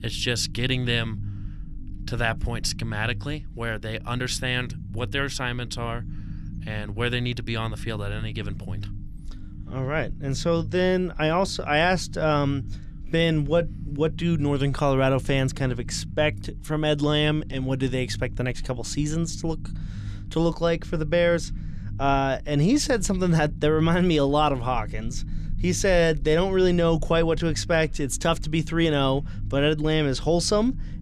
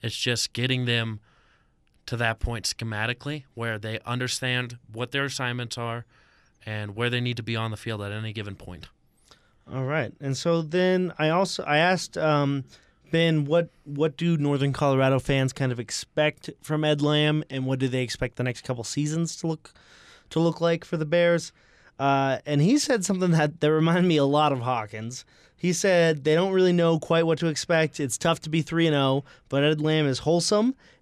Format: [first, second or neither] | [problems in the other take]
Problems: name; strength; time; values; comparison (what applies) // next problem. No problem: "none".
second | low rumble; faint; throughout; 25 dB below the speech